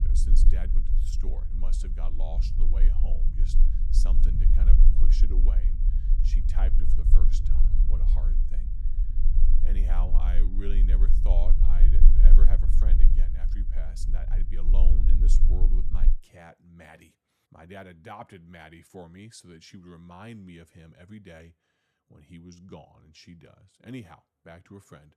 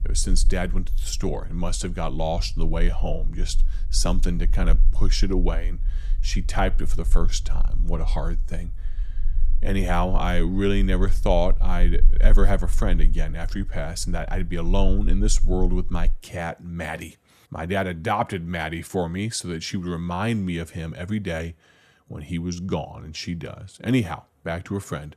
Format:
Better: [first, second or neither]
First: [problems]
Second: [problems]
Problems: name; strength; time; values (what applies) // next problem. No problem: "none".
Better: second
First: low rumble; loud; until 16 s; 3 dB below the speech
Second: low rumble; faint; until 16 s; 25 dB below the speech